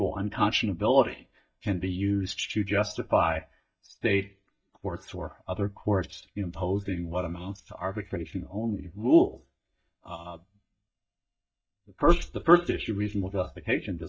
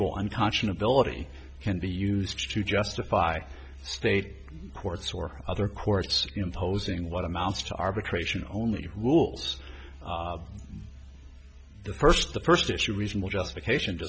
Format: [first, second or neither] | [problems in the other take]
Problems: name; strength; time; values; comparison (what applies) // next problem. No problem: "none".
second | noise reduction (neural mask model DeepFilterNet 3)